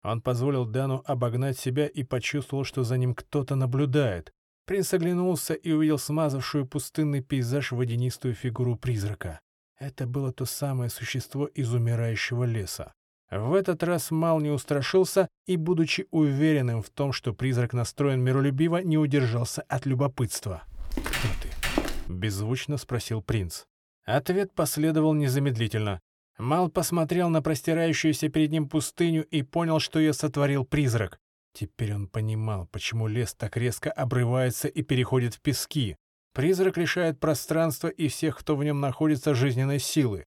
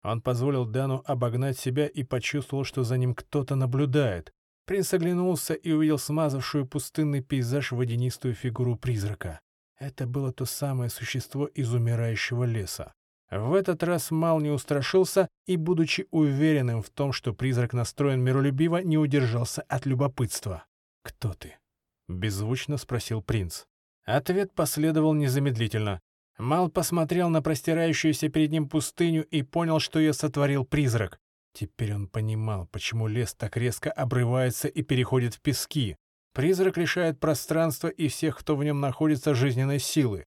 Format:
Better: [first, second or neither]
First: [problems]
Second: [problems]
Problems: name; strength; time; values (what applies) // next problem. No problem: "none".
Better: second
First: footsteps; noticeable; from 21 to 22 s; peak 2 dB below the speech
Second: none